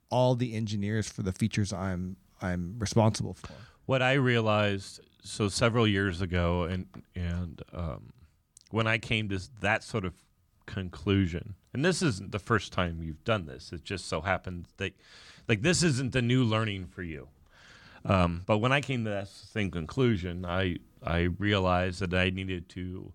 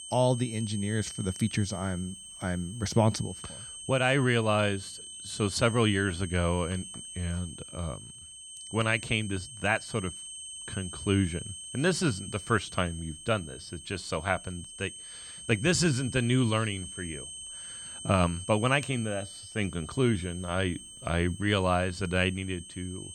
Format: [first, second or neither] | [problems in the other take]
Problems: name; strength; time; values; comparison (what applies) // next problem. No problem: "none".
first | high-pitched whine; noticeable; throughout; 8.5 kHz, 10 dB below the speech